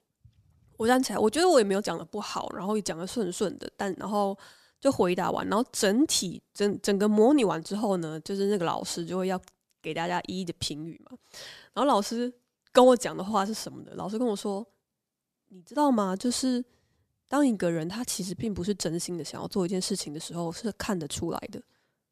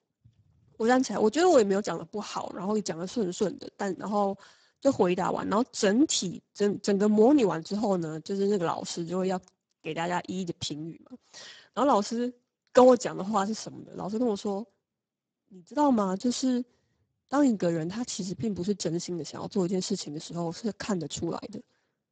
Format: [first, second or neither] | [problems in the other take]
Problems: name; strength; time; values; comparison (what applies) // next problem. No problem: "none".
first | garbled, watery; badly; nothing above 7.5 kHz